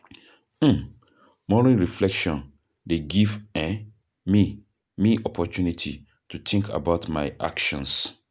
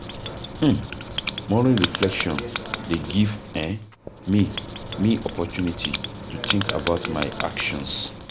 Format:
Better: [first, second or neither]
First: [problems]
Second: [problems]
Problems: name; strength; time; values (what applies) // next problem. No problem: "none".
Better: first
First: none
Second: background sound (Writing); 6 dB below the speech